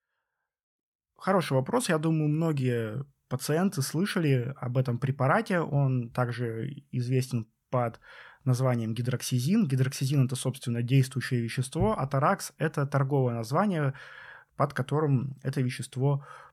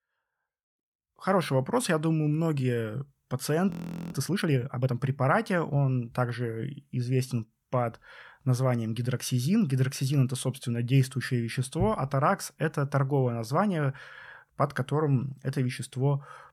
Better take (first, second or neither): first